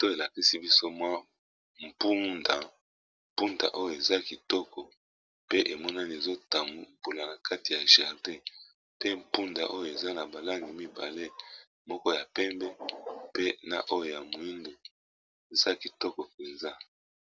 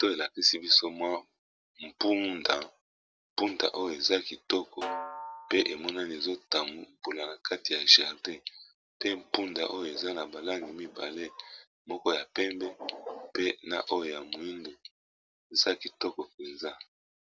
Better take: first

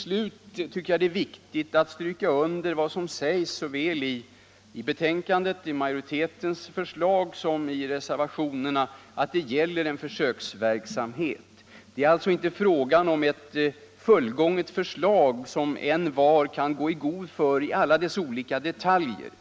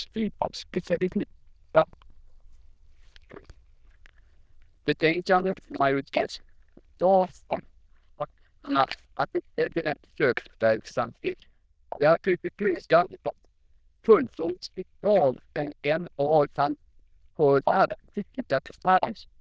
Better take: first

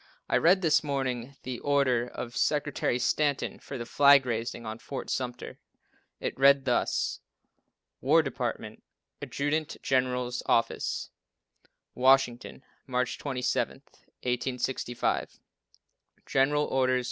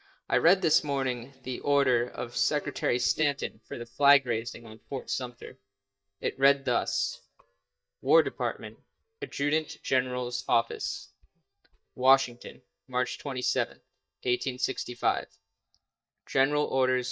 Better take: first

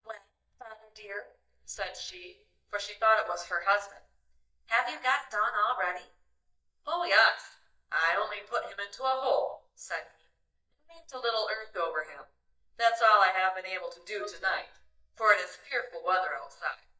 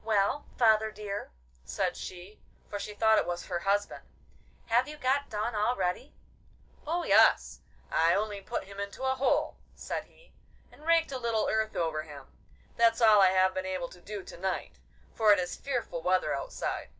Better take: second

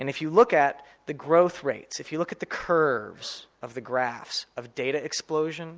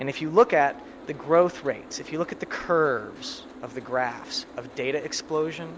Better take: first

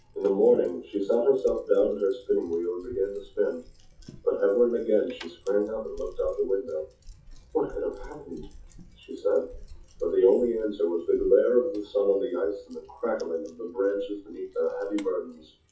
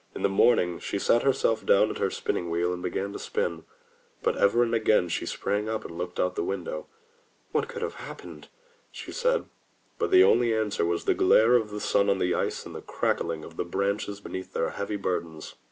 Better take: second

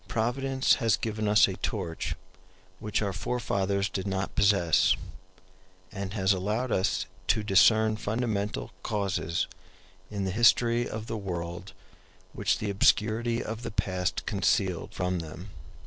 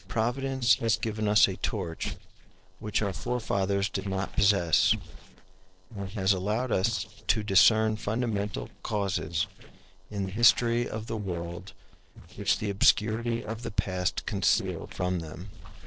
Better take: first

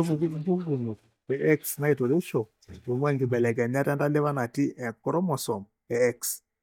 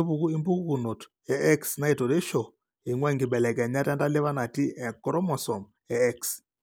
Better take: second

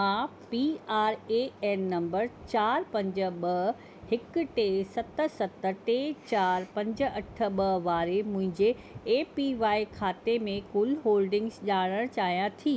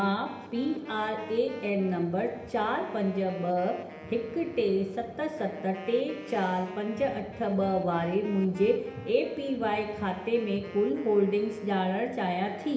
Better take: first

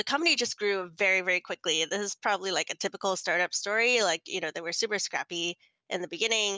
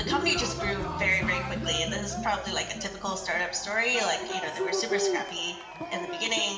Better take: first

